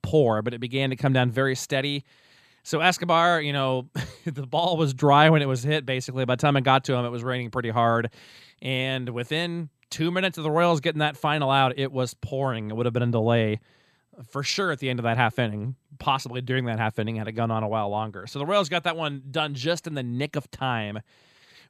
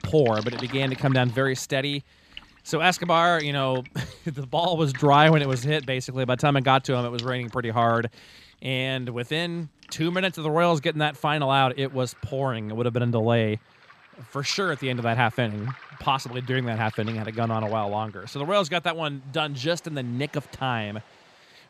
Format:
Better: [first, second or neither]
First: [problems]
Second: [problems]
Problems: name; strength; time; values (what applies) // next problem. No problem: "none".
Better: first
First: none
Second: rain or running water; noticeable; throughout; 20 dB below the speech